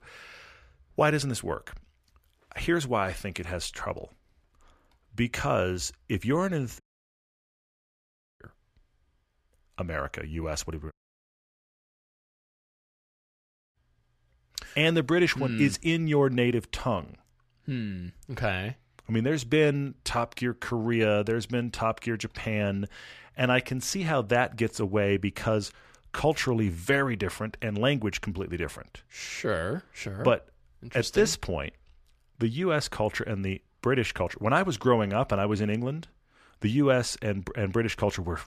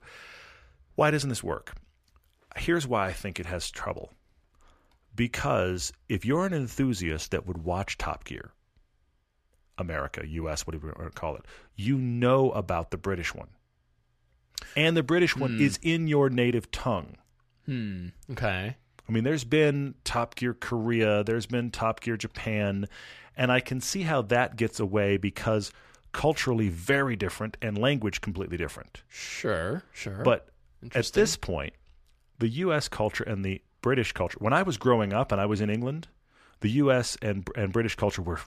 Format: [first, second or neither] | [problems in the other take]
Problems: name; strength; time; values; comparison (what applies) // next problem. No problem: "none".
second | audio cutting out; at 7 s for 1.5 s and at 11 s for 3 s